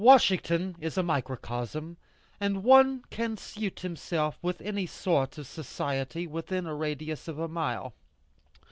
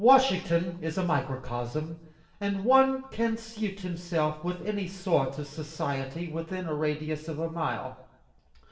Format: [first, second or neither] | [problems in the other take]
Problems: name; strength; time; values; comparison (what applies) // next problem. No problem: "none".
first | room echo; dies away in 0.7 s